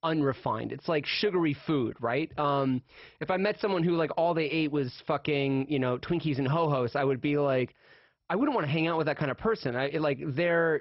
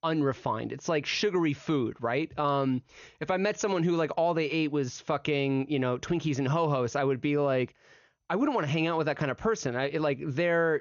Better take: second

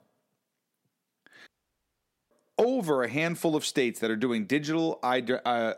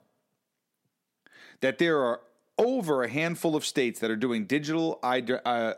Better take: second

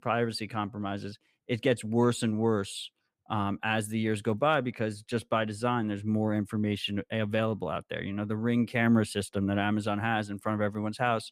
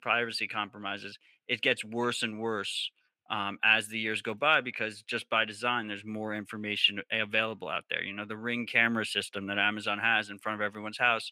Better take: first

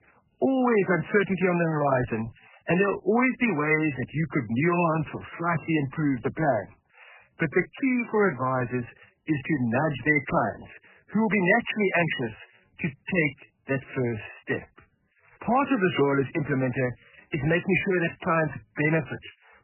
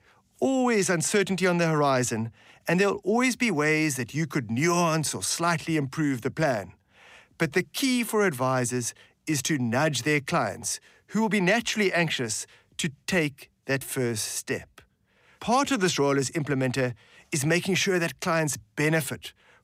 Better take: second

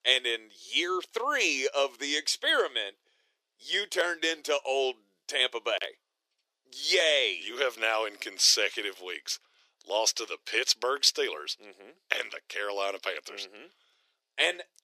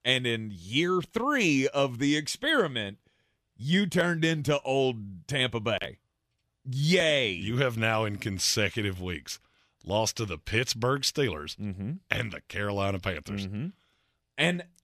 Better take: second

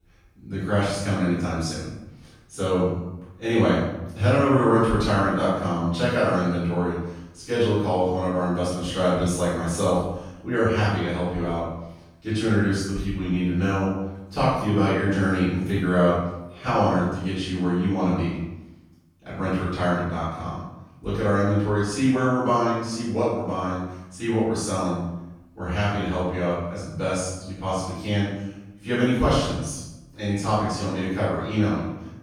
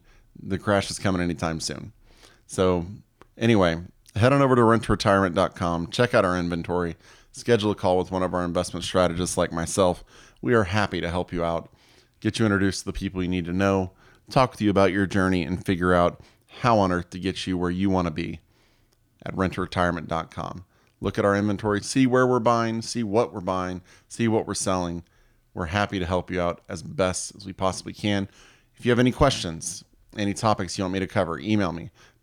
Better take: second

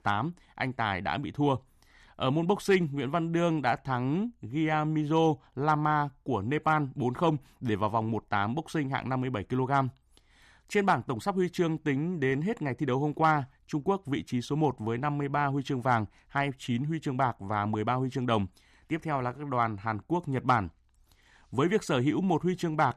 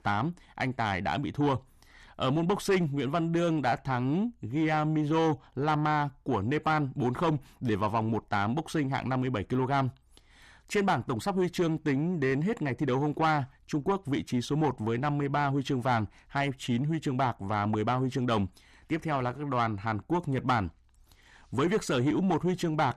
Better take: first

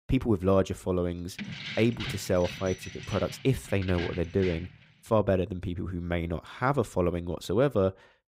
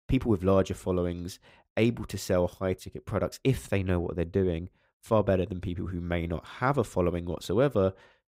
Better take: second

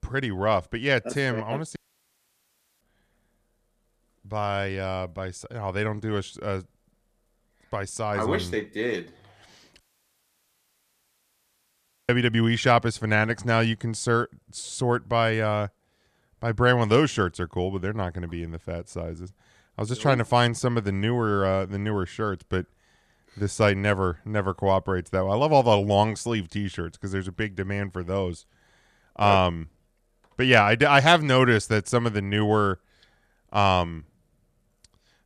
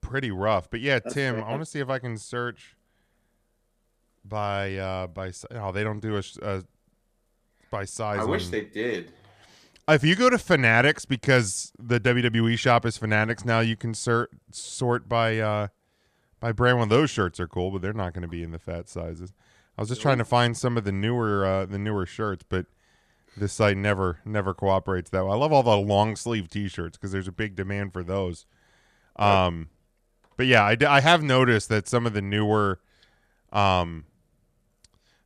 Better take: second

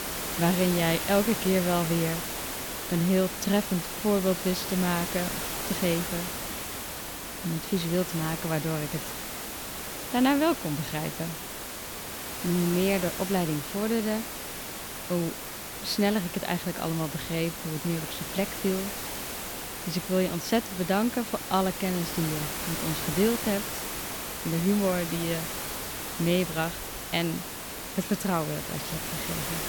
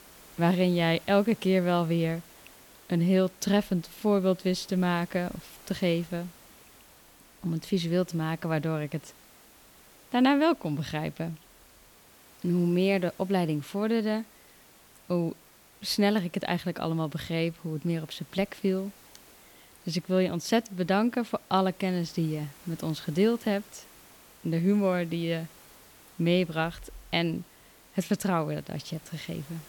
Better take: second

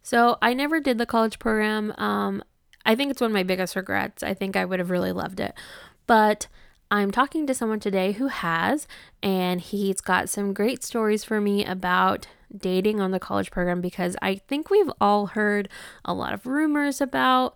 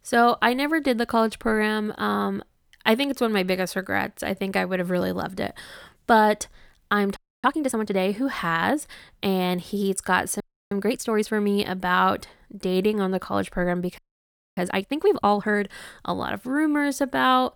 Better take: first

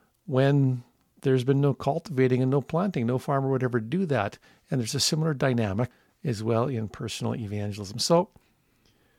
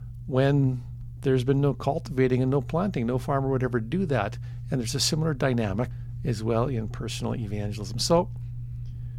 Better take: first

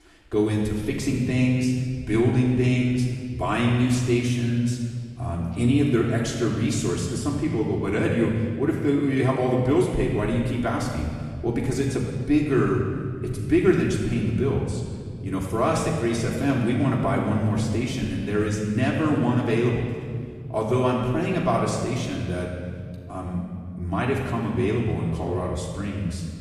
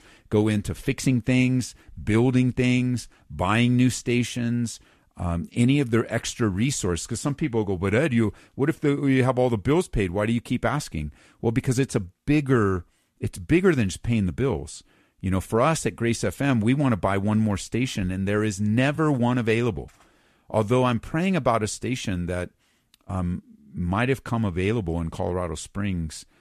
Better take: second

